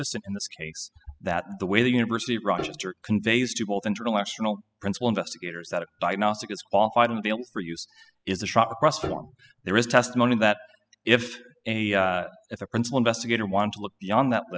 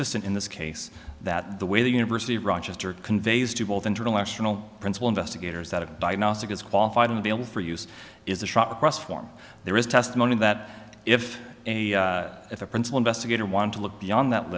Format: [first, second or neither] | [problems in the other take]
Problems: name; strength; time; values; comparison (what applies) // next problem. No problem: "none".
second | noise reduction (classical method spectral subtraction)